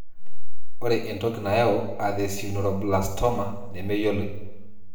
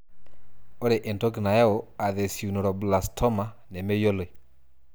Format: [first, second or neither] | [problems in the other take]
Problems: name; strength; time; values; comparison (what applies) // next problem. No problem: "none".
second | room echo; dies away in 0.8 s